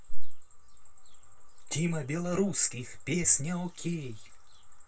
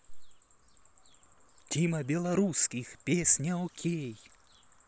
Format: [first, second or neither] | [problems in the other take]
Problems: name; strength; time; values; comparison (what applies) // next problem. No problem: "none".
second | room echo; dies away in 0.2 s